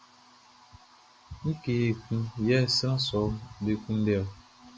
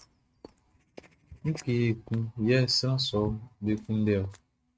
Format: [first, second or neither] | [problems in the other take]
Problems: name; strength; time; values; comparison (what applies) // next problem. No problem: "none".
first | noise reduction (neural mask model RNNoise)